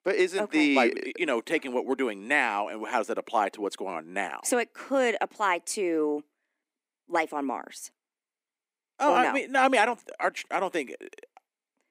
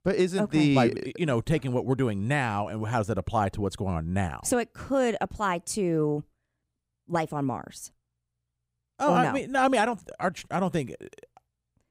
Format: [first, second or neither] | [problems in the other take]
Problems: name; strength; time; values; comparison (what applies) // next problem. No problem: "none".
second | thin; very slightly; fading below 250 Hz